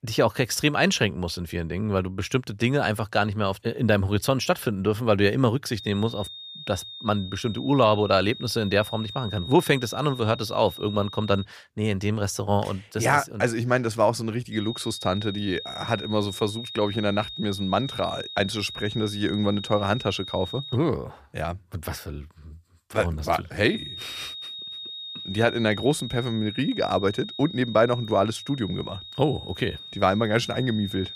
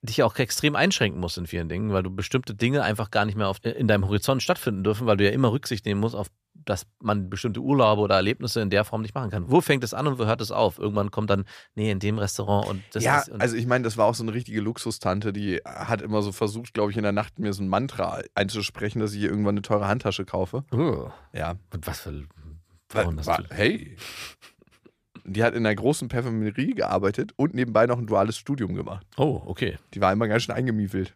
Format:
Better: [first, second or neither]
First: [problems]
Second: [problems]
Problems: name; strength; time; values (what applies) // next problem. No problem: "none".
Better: second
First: high-pitched whine; noticeable; from 6 to 11 s, from 15 to 21 s and from 24 s on; 3.5 kHz, 10 dB below the speech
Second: none